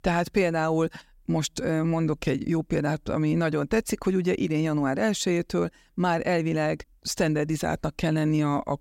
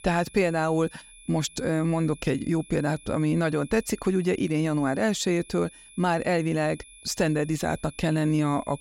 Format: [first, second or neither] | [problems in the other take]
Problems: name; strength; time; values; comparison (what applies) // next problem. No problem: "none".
first | high-pitched whine; faint; throughout; 2.5 kHz, 20 dB below the speech